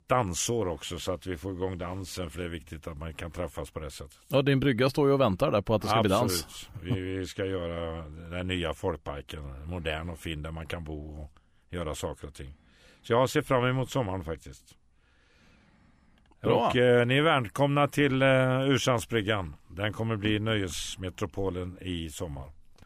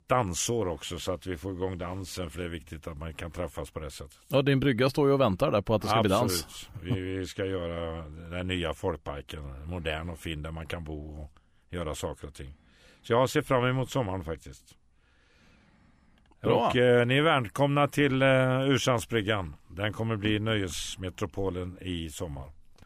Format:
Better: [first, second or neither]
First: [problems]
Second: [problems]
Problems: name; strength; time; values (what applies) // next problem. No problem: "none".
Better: neither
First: none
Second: none